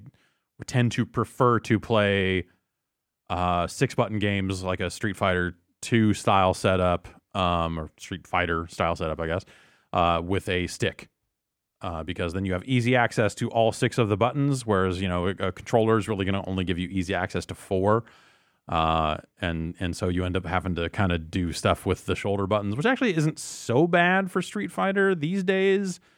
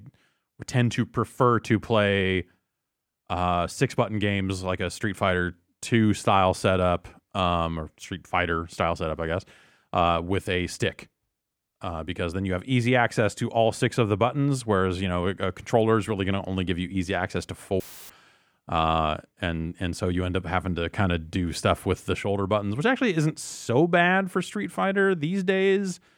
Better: first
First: none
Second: audio cutting out; filled with static; at 18 s

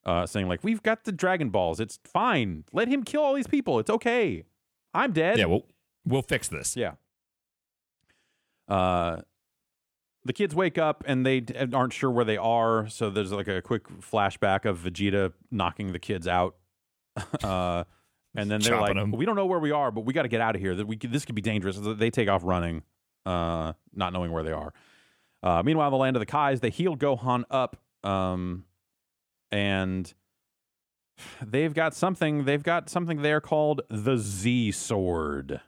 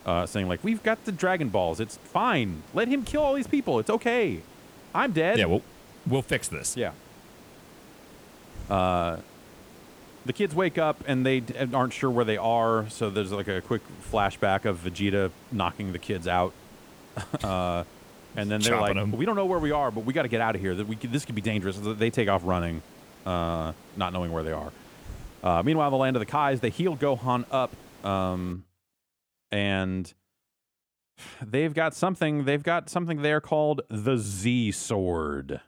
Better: first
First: none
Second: hiss; faint; until 29 s; 20 dB below the speech

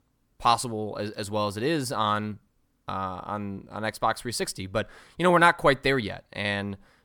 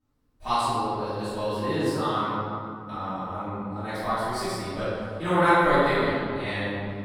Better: first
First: none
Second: off-mic speech; far // room echo; strong; dies away in 2.3 s

